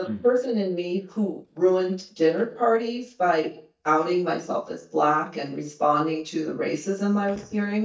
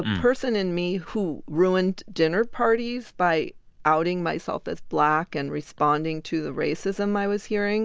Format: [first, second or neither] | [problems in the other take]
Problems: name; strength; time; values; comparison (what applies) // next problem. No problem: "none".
second | noise reduction (neural mask model DeepFilterNet 3)